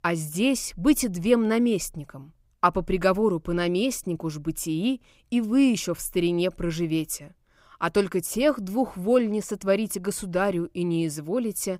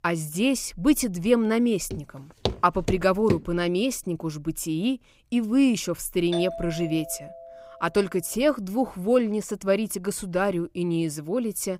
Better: first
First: none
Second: footsteps; noticeable; from 2 to 3.5 s; peak 5 dB below the speech // doorbell; noticeable; from 6.5 to 8 s; peak 8 dB below the speech

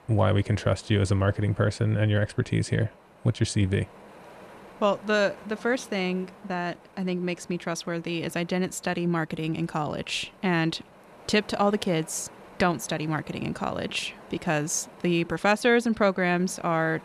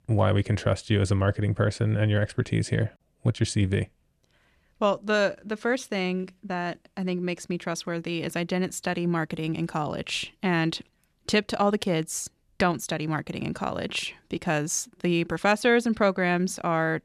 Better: second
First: wind noise on the microphone; occasional gusts; 20 dB below the speech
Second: none

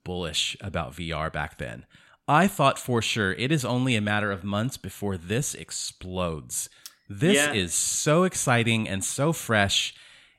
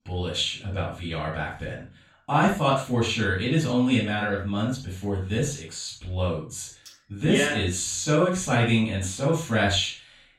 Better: first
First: none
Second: room echo; noticeable; dies away in 0.3 s // off-mic speech; far

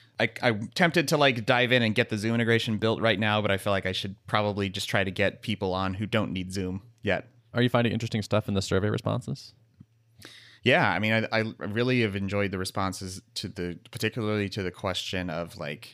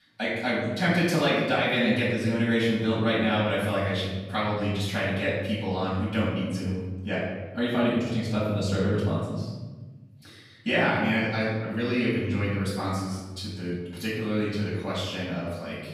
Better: first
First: none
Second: off-mic speech; far // room echo; noticeable; dies away in 1.2 s

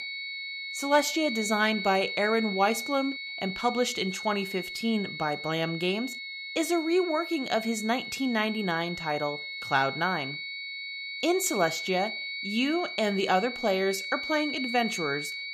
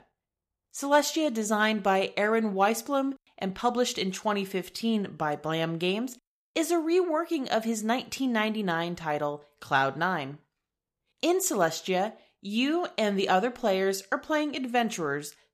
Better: second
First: high-pitched whine; loud; throughout; 2 kHz, 6 dB below the speech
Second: none

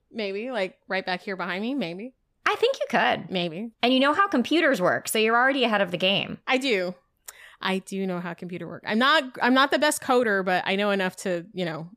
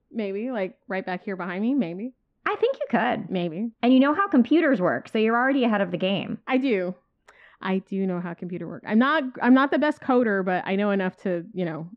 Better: first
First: none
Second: muffled; very; fading above 2 kHz

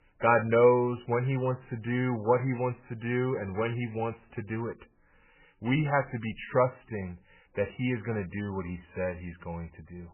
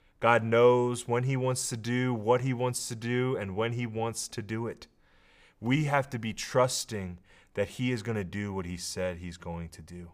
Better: second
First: garbled, watery; badly; nothing above 3 kHz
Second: none

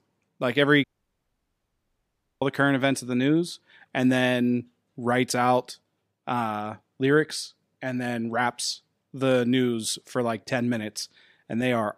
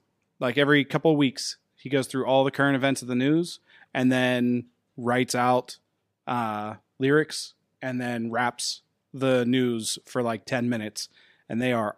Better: second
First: audio cutting out; at 1 s for 1.5 s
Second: none

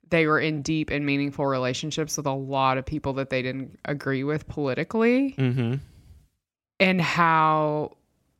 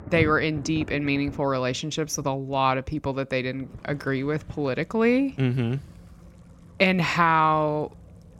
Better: first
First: none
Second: rain or running water; noticeable; throughout; 20 dB below the speech

